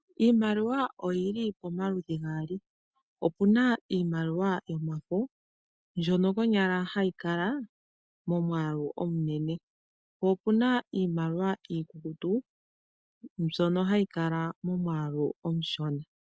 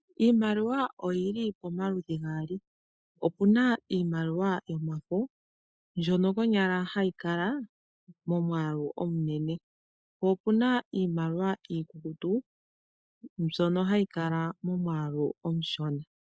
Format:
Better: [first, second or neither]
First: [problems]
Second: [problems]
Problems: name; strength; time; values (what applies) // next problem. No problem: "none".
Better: first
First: none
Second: noise reduction (neural mask model Resemble Enhance denoiser)